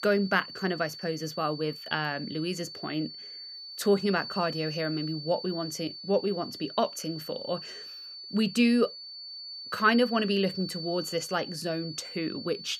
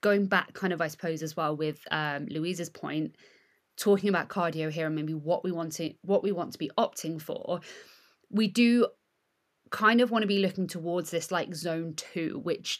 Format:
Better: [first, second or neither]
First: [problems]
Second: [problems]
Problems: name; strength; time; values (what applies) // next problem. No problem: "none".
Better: second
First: high-pitched whine; loud; throughout; 4.5 kHz, 10 dB below the speech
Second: none